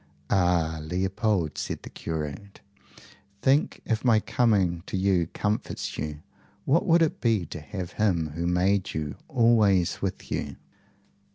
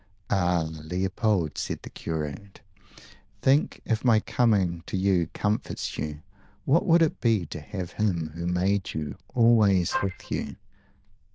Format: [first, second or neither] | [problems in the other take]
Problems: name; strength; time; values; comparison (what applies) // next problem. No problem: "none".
first | noise reduction (neural diffusion model UNIVERSE++)